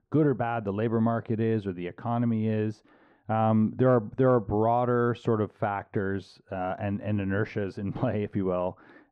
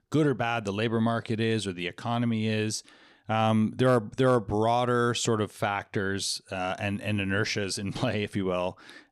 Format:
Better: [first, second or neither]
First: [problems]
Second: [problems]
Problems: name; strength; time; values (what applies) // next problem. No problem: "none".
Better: second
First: muffled; very; fading above 3.5 kHz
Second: none